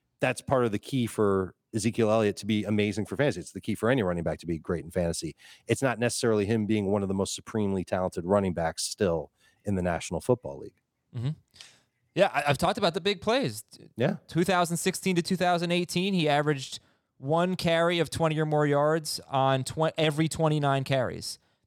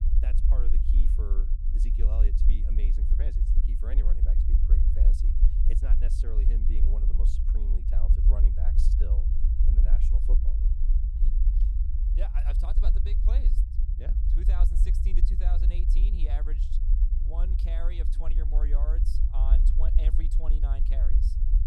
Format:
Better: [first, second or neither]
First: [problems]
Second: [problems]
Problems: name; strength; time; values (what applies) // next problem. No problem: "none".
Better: first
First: none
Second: low rumble; loud; throughout; 1 dB below the speech